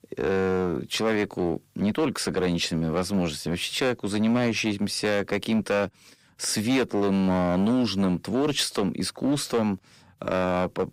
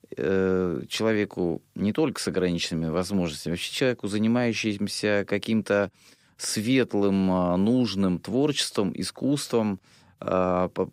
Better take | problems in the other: second | distortion; slight; 9% of the sound clipped

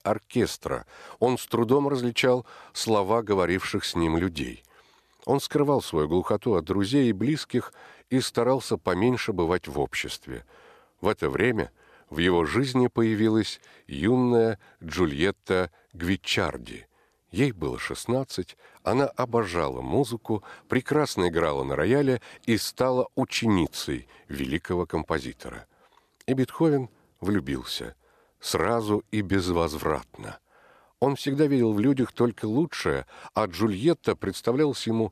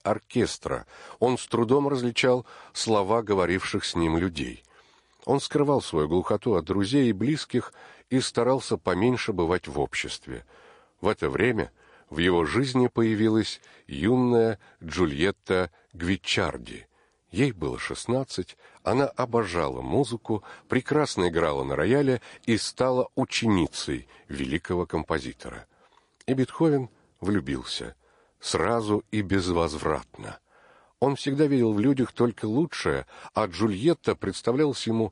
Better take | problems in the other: first | garbled, watery; slightly; nothing above 10 kHz

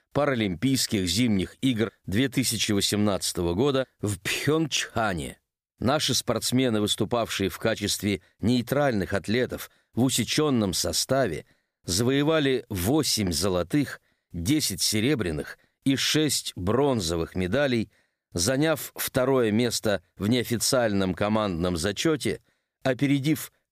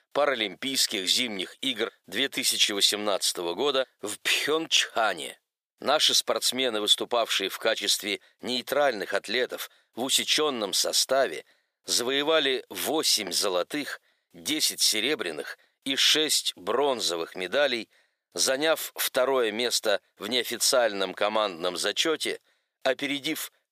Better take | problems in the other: first | thin; somewhat; fading below 550 Hz

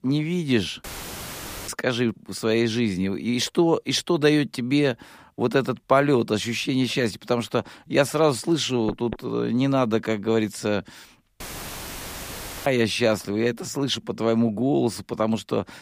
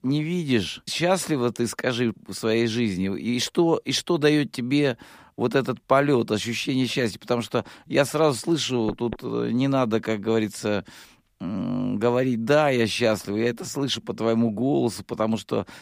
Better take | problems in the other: second | audio cutting out; filled with static; at 1 s for 1 s and at 11 s for 1.5 s

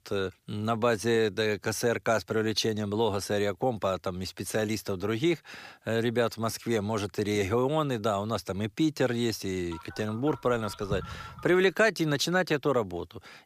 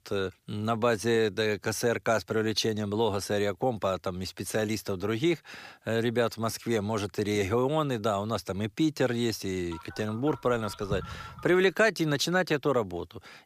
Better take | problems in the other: neither | phone ringing; faint; from 9.5 to 12 s; peak 10 dB below the speech; the same in both

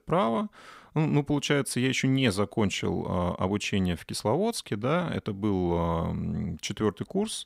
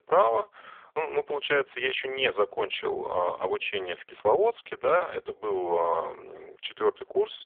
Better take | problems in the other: first | phone-call audio; poor line; nothing above 3.5 kHz

